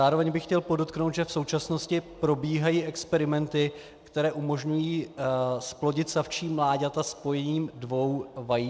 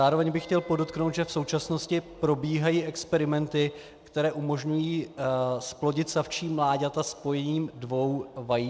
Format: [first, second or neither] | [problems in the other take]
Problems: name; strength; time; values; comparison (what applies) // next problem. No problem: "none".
first | background sound (Wind instrument, woodwind instrument); 19 dB below the speech